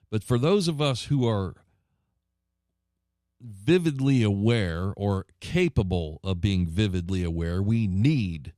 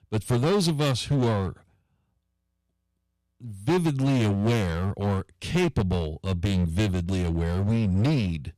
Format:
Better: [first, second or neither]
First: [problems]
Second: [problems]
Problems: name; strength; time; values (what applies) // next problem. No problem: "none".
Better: first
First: none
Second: distortion; heavy; 13% of the sound clipped